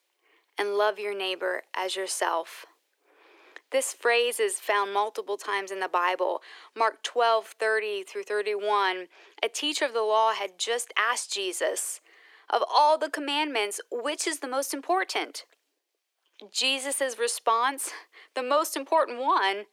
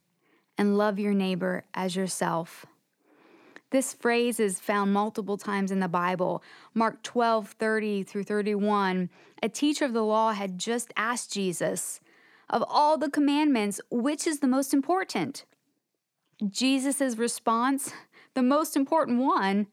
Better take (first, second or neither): second